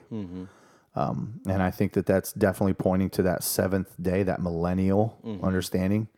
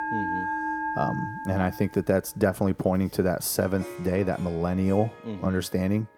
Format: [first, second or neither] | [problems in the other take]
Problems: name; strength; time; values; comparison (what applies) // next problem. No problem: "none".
first | background music; loud; throughout; 7 dB below the speech